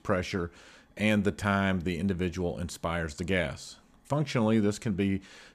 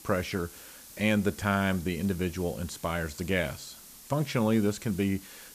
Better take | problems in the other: first | hiss; noticeable; throughout; 15 dB below the speech

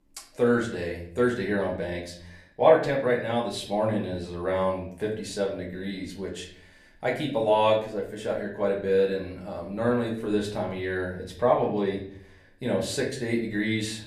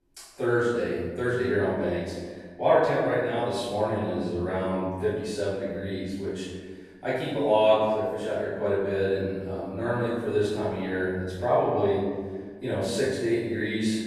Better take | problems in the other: first | room echo; strong; dies away in 1.4 s; slight in the first // off-mic speech; far; far in the first

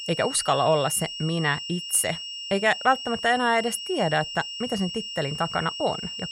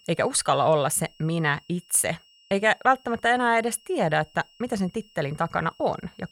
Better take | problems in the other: second | high-pitched whine; loud; throughout; 3 kHz, 7 dB below the speech; faint in the second

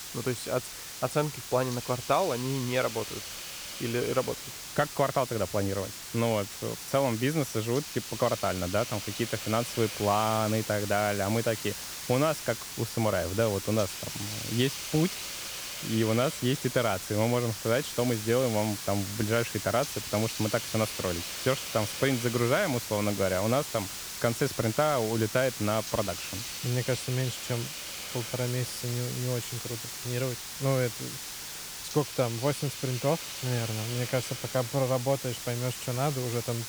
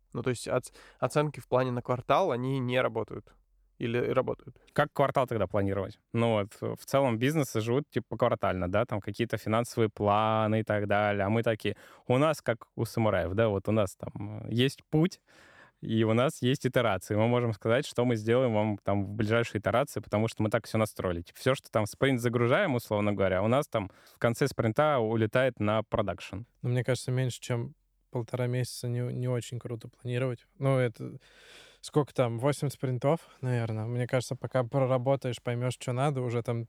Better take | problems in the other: second | hiss; loud; throughout; 6 dB below the speech

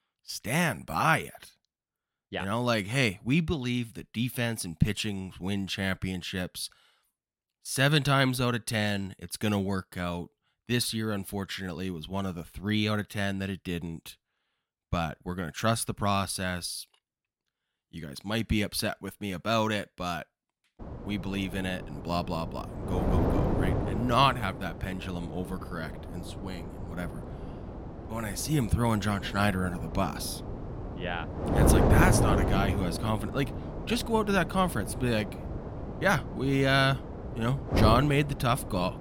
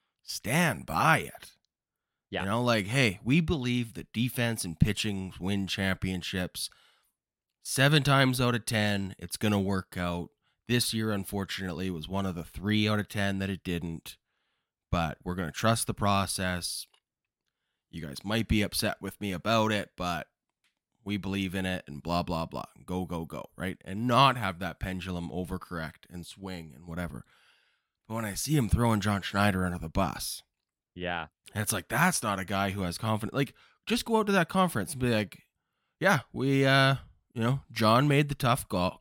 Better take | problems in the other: second | wind noise on the microphone; heavy; from 21 s on; 7 dB below the speech

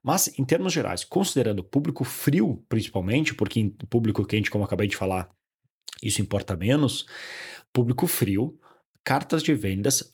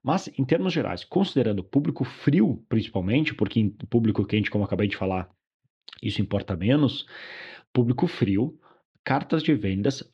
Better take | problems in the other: first | muffled; slightly; fading above 3.5 kHz

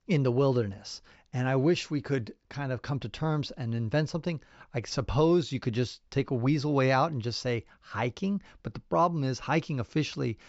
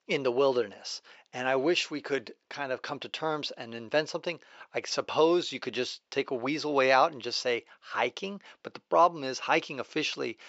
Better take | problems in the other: first | thin; somewhat; fading below 500 Hz

